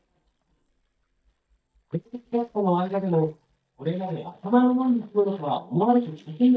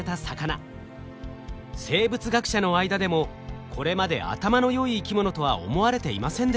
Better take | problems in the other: second | noise reduction (neural mask model DeepFilterNet 3)

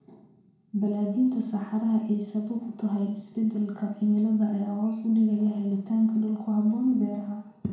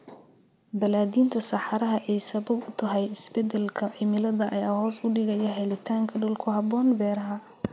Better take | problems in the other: second | room echo; dies away in 0.6 s

